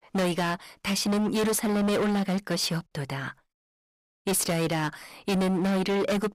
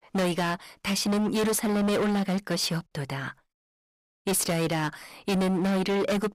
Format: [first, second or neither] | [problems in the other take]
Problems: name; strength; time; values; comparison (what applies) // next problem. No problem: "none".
neither | distortion; heavy; 24% of the sound clipped; the same in both